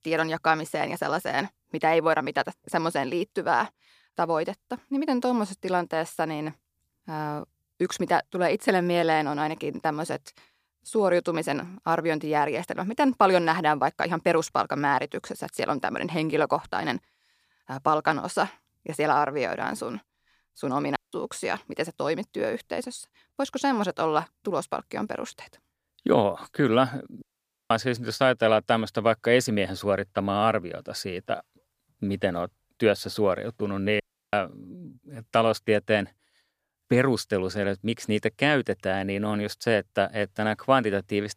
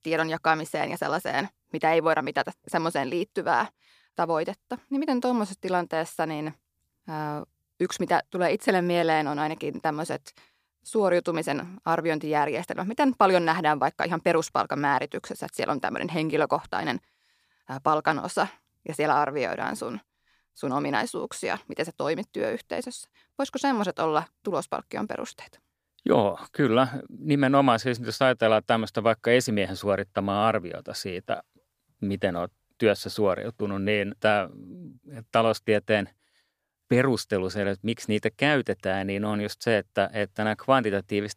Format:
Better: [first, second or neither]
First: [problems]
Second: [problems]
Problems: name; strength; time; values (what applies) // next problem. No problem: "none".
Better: second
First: audio cutting out; at 21 s, at 27 s and at 34 s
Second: none